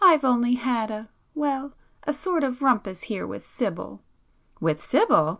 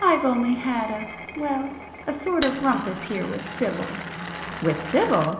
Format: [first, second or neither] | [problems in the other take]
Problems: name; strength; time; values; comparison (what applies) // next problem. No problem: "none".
first | background sound (Glass); 10 dB below the speech // room echo; dies away in 1.1 s